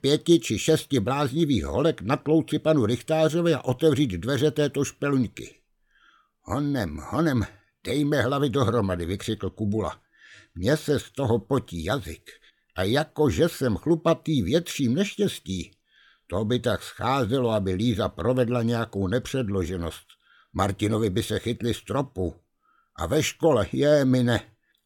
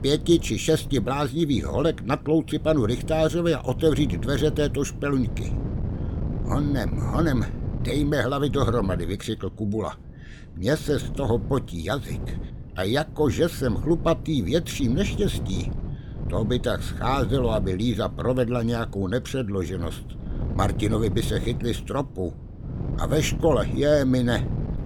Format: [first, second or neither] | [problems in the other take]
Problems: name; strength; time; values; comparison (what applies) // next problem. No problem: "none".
first | wind noise on the microphone; occasional gusts; 15 dB below the speech